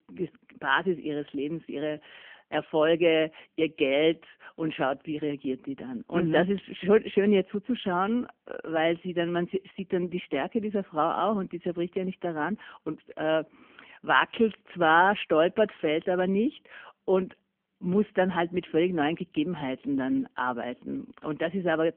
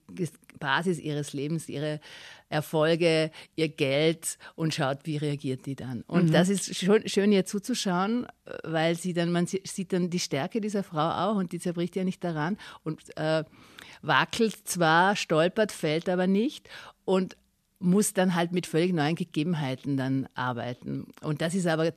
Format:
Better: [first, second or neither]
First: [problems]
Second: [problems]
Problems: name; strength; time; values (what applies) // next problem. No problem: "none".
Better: second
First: phone-call audio; poor line; nothing above 3.5 kHz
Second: none